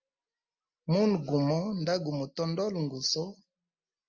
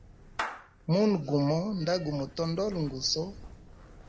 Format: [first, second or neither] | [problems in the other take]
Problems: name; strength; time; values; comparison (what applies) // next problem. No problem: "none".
first | background sound (Meow / Clapping); 14 dB below the speech